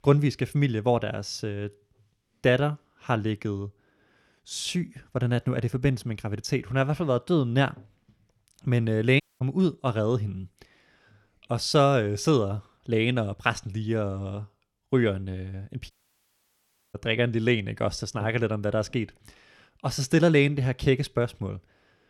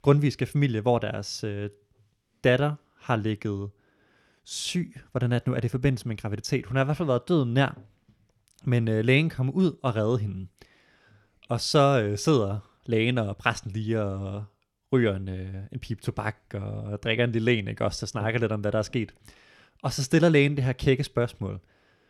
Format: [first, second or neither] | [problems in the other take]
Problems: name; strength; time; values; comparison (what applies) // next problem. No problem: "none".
second | audio cutting out; at 9 s and at 16 s for 1 s